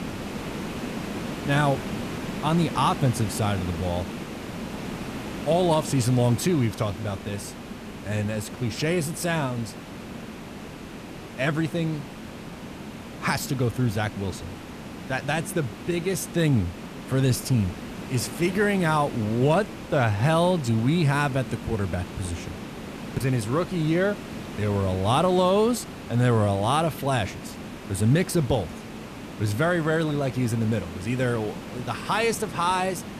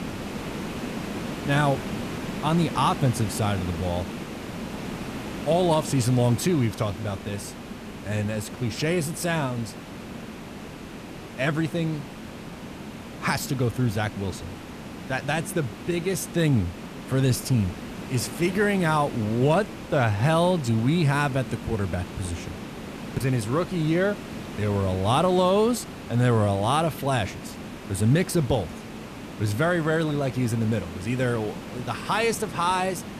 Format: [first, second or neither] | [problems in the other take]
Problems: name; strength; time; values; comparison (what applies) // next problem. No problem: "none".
neither | hiss; noticeable; throughout; 10 dB below the speech; the same in both